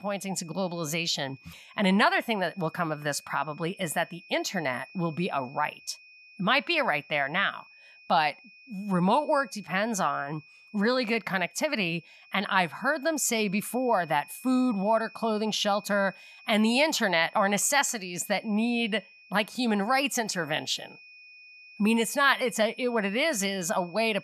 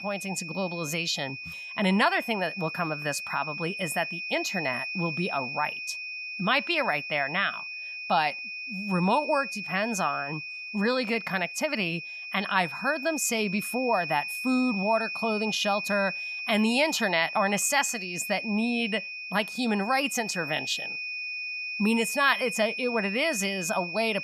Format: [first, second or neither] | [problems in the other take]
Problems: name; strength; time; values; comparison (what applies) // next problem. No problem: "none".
first | high-pitched whine; loud; throughout; 2.5 kHz, 6 dB below the speech; faint in the first